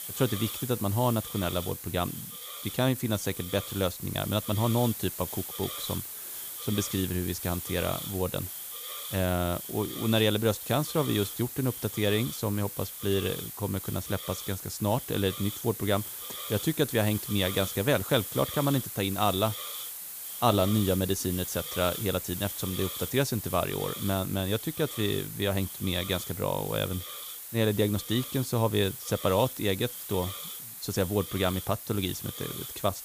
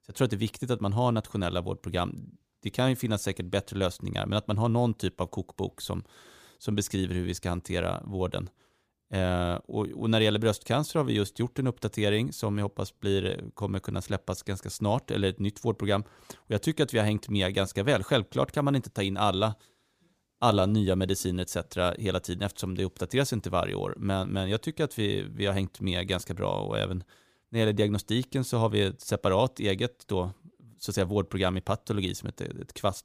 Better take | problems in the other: second | hiss; loud; throughout; 7 dB below the speech

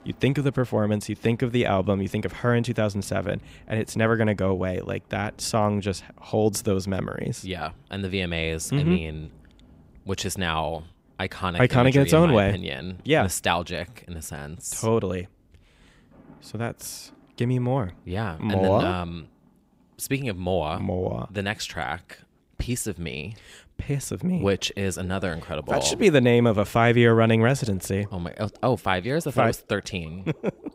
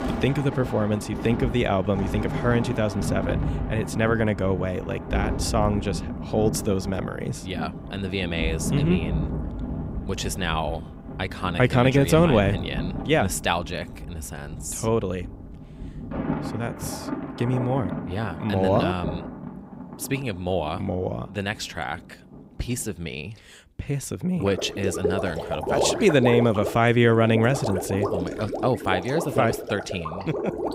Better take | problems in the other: first | rain or running water; loud; throughout; 7 dB below the speech; faint in the first

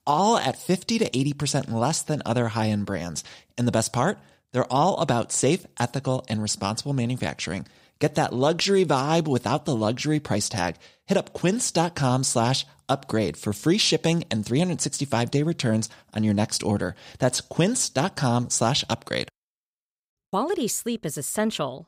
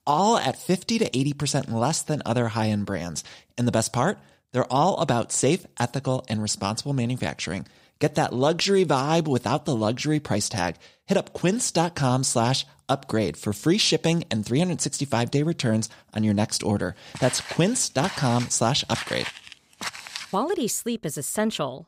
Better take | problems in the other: first | footsteps; noticeable; from 17 to 20 s; peak 7 dB below the speech

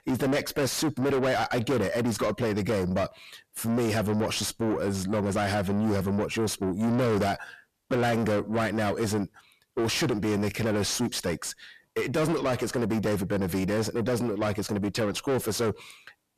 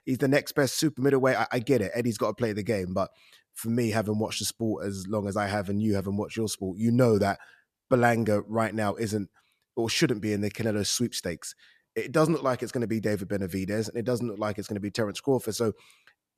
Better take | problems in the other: second | distortion; heavy; 6 dB below the speech

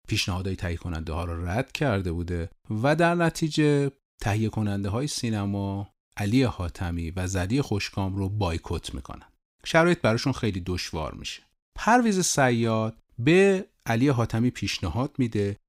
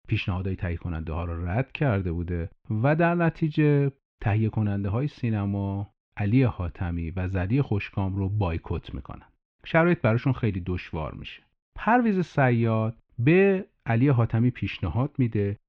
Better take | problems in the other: first | muffled; very; fading above 2.5 kHz

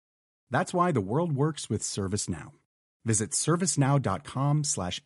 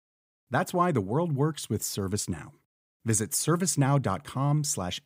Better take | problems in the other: second | garbled, watery; slightly; nothing above 10.5 kHz

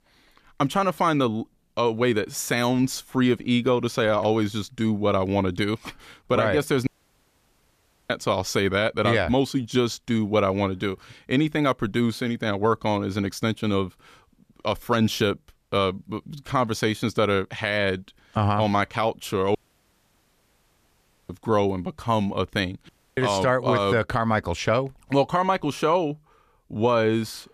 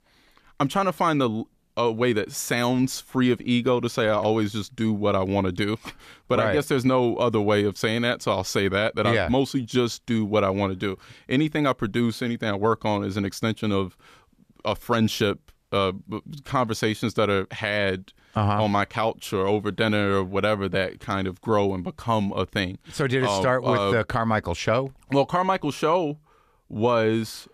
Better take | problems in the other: second | audio cutting out; at 7 s for 1 s, at 20 s for 1.5 s and at 23 s

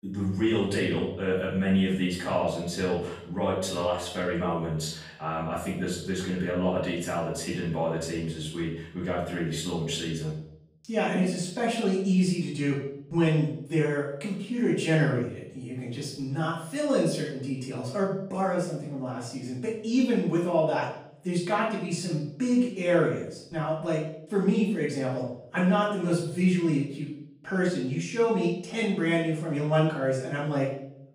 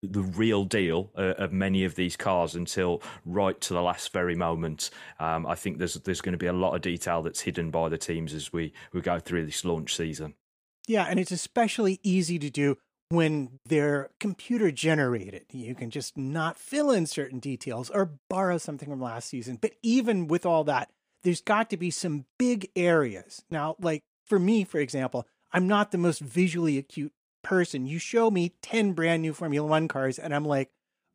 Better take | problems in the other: second | off-mic speech; far // room echo; noticeable; dies away in 0.6 s

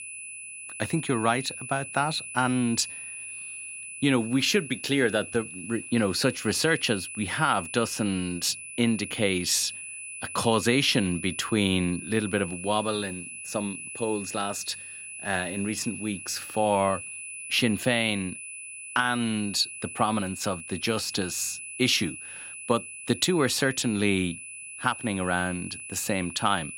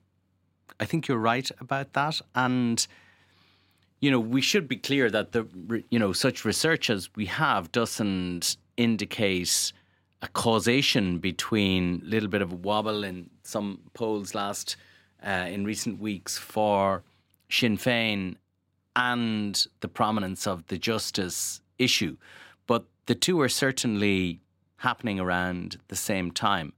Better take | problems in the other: second | high-pitched whine; loud; throughout; 10 kHz, 10 dB below the speech

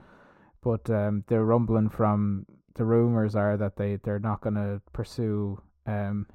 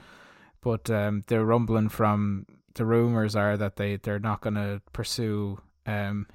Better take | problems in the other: second | muffled; slightly; fading above 1.5 kHz

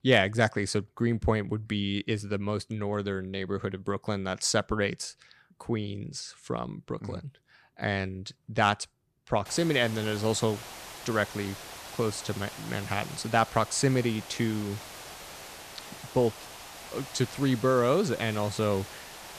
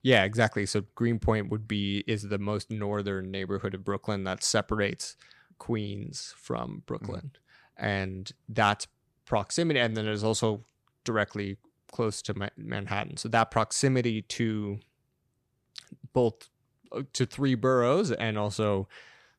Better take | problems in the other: second | hiss; noticeable; from 9.5 s on; 15 dB below the speech

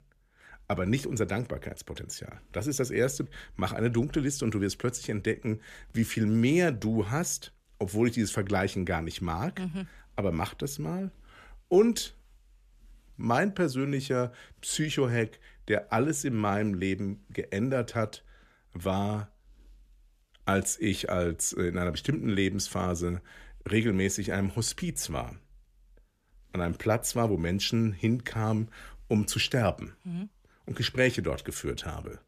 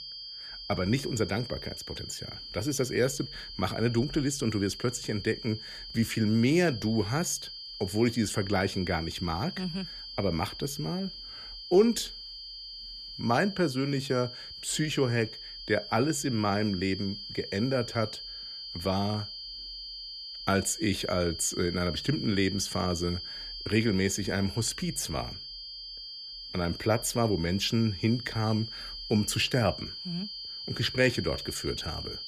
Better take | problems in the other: first | high-pitched whine; loud; throughout; 5 kHz, 9 dB below the speech

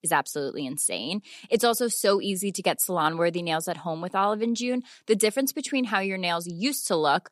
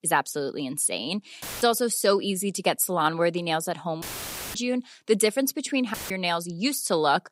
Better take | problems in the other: first | audio cutting out; filled with static; at 1.5 s, at 4 s for 0.5 s and at 6 s

